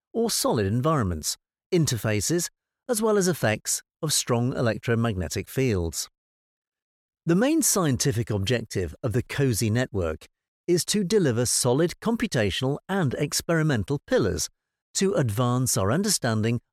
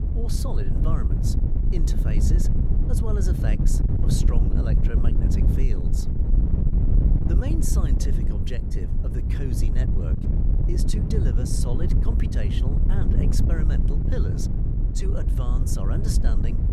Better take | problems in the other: first | wind noise on the microphone; heavy; 1 dB above the speech

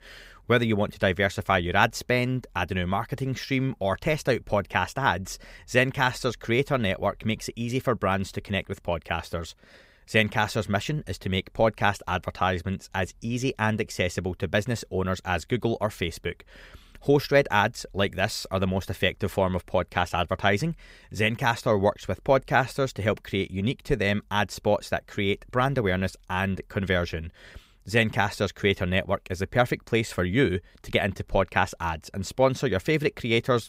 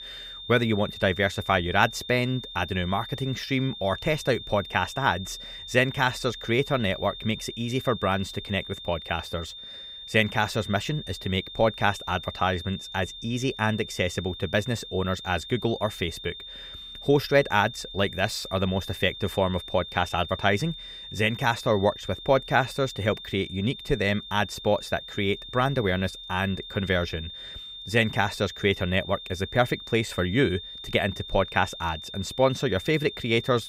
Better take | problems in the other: first | high-pitched whine; noticeable; throughout; 3.5 kHz, 10 dB below the speech

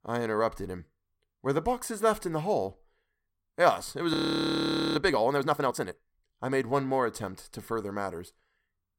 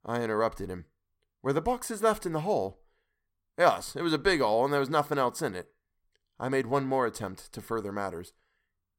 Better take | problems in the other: second | audio freezing; at 4 s for 1 s

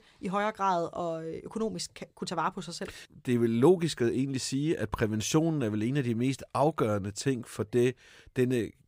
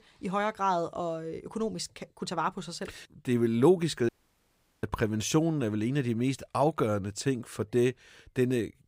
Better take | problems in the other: first | audio cutting out; at 4 s for 0.5 s

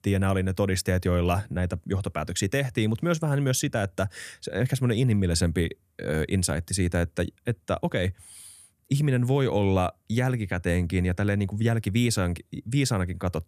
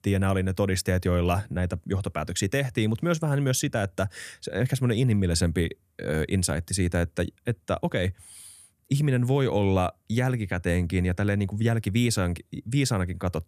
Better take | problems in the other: neither | none

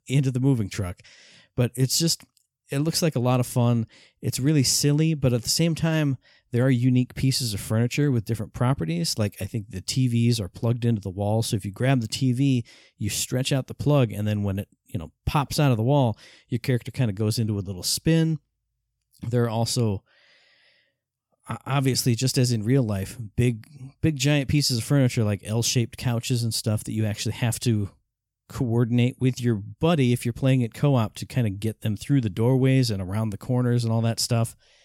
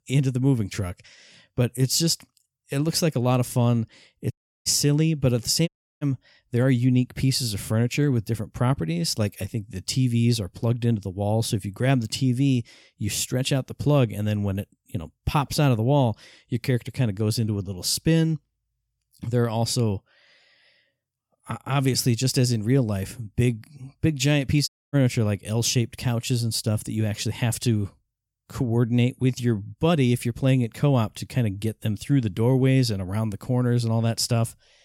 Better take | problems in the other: first | audio cutting out; at 4.5 s, at 5.5 s and at 25 s

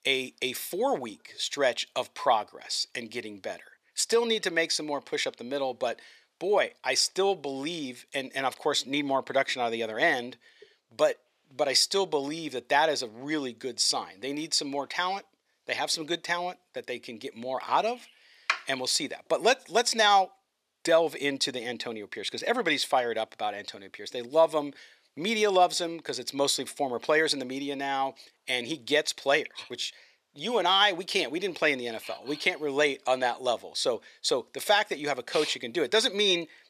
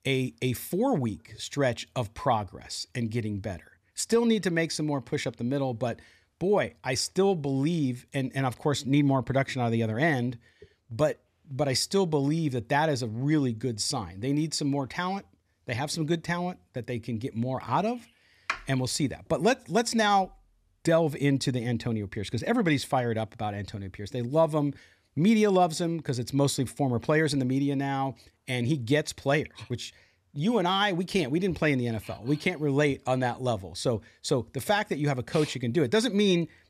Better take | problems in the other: second | thin; somewhat; fading below 500 Hz

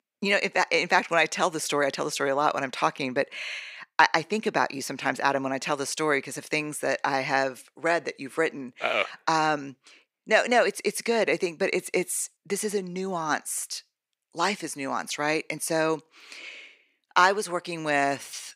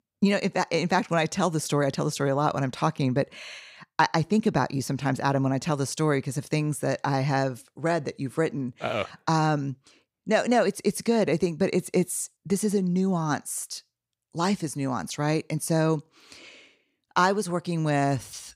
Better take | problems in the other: second | thin; somewhat; fading below 350 Hz

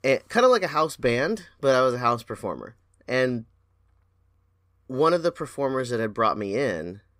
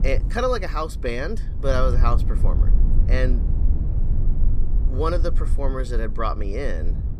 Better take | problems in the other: first | low rumble; noticeable; throughout; 15 dB below the speech

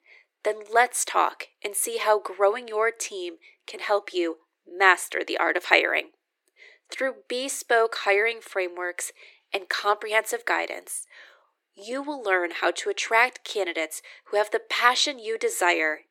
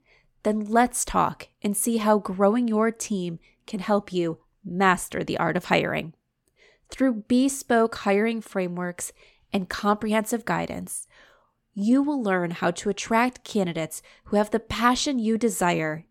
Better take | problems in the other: second | thin; very; fading below 350 Hz

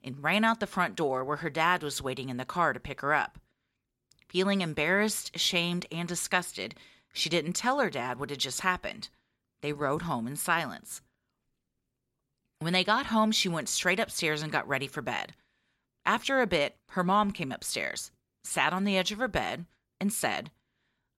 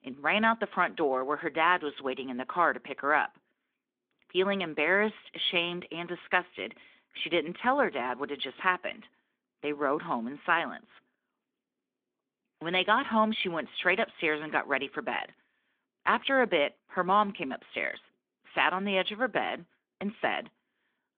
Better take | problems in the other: first | phone-call audio; nothing above 3.5 kHz

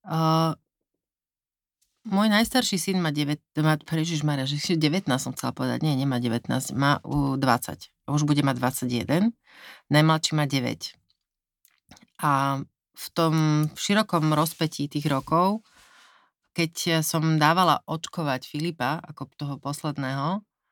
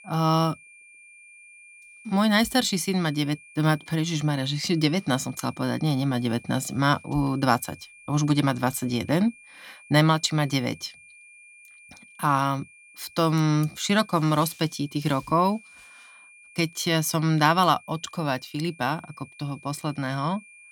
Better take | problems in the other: first | high-pitched whine; faint; throughout; 2.5 kHz, 25 dB below the speech

